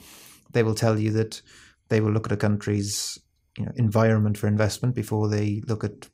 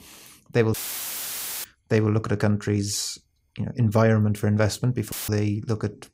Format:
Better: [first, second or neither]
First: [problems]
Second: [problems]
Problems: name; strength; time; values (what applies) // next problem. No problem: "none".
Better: first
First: none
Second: audio cutting out; filled with static; at 0.5 s for 1 s and at 5 s